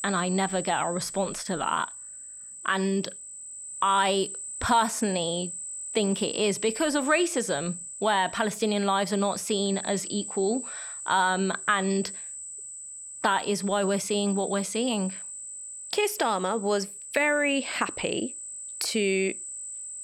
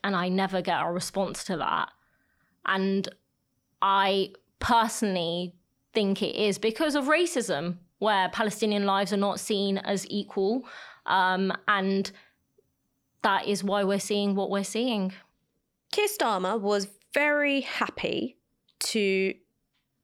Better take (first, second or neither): second